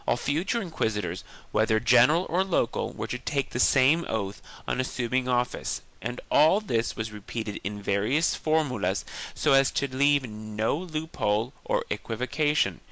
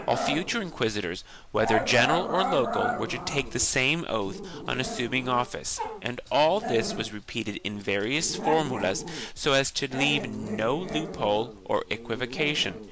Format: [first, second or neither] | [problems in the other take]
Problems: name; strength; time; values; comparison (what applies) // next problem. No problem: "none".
first | background sound (Growling); 7 dB below the speech